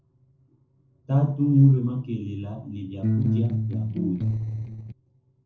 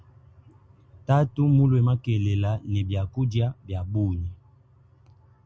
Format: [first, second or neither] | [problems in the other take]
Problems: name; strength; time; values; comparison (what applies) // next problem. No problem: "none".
second | noise reduction (neural separator model SepFormer DNS4)